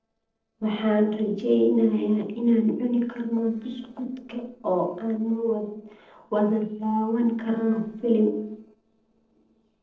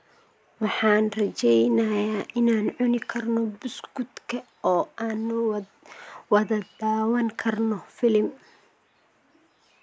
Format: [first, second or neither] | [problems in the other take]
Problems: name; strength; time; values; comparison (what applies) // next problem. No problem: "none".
second | noise reduction (neural separator model SepFormer DNS4)